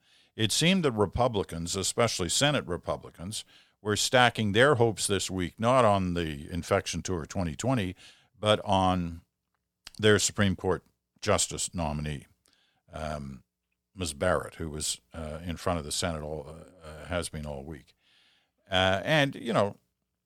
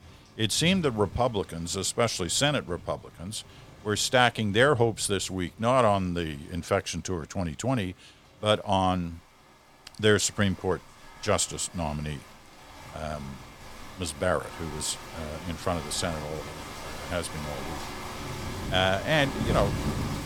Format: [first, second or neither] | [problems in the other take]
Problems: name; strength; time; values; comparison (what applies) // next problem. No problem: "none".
first | rain or running water; noticeable; throughout; 10 dB below the speech